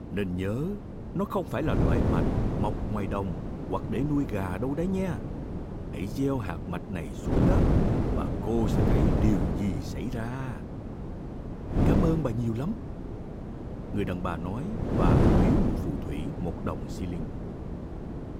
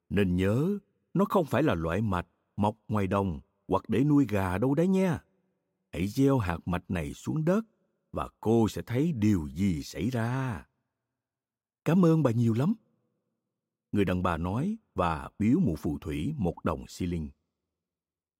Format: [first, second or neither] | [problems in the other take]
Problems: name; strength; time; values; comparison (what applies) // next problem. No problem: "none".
second | wind noise on the microphone; heavy; as loud as the speech